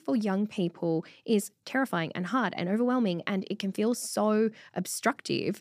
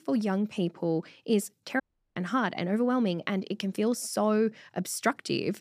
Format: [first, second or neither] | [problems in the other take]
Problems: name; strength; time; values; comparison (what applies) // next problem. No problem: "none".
first | audio cutting out; at 2 s